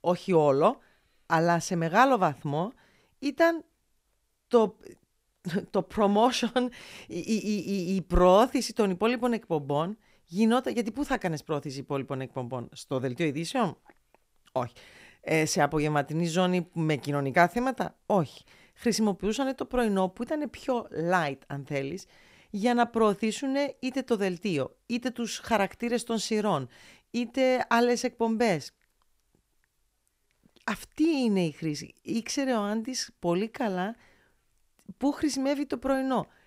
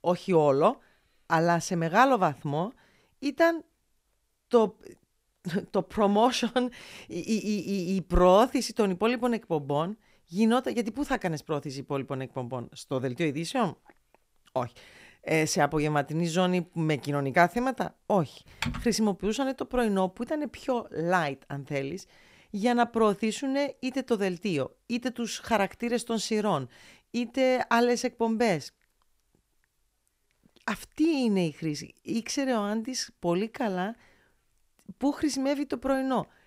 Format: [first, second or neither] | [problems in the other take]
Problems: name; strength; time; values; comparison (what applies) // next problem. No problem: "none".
first | keyboard typing; noticeable; at 19 s; peak 6 dB below the speech